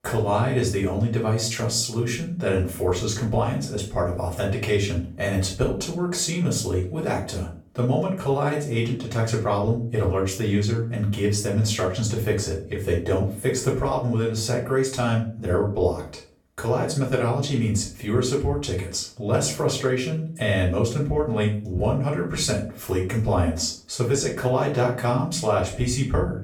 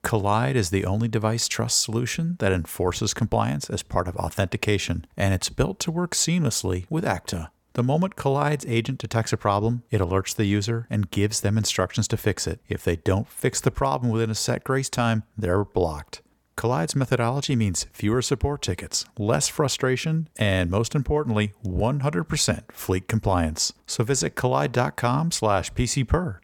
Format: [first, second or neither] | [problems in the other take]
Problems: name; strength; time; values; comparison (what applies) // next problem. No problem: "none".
second | off-mic speech; far // room echo; slight; dies away in 0.4 s